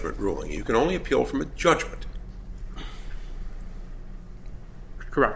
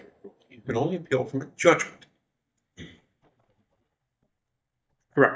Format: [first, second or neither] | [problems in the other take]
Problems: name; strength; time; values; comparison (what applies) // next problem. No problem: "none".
first | noise reduction (neural mask model DeepFilterNet 3)